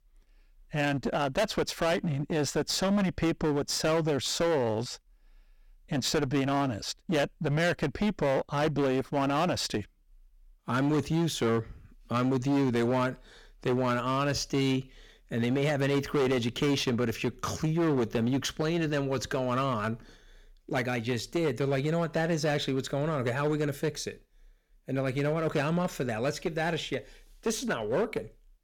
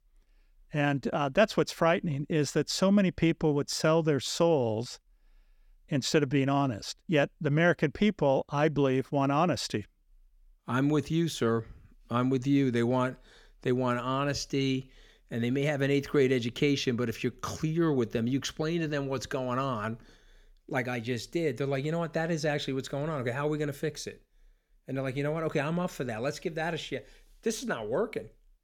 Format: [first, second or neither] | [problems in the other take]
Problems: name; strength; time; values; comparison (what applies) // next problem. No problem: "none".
second | distortion; heavy; 15% of the sound clipped